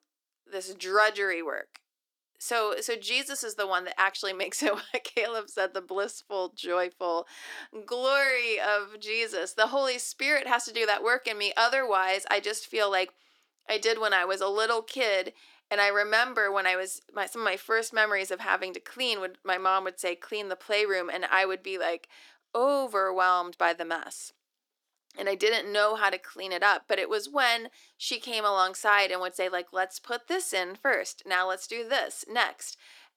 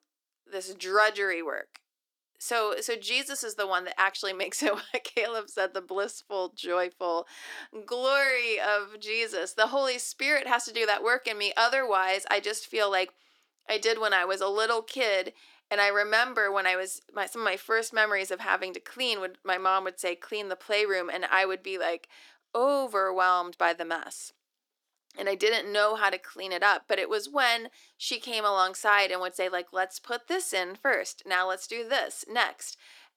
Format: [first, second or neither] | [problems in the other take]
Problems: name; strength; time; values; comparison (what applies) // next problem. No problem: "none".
neither | thin; somewhat; fading below 300 Hz; the same in both